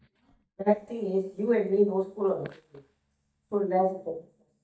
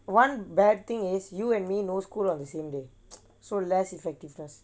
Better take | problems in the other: second | noise reduction (neural mask model DeepFilterNet 3)

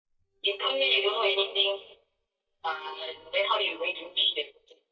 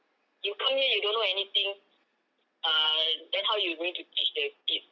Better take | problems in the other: second | noise reduction (neural mask model DeepFilterNet 3)

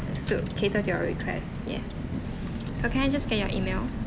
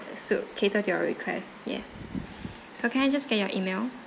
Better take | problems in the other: second | background sound (Car); 1 dB below the speech

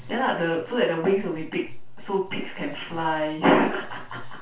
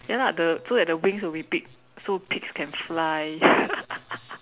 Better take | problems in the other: second | room echo; dies away in 0.3 s

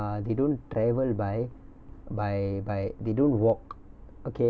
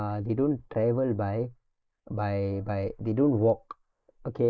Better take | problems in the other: first | noise reduction (neural mask model Resemble Enhance denoiser)

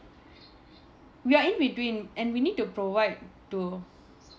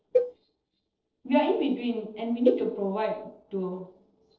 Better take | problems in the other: first | noise reduction (neural separator model SepFormer DNS4)

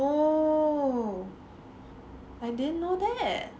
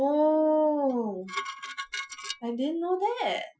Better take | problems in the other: first | noise reduction (classical method Wiener filter)

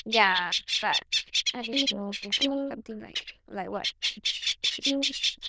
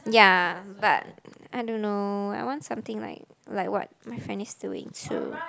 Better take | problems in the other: second | noise reduction (neural diffusion model UNIVERSE++)

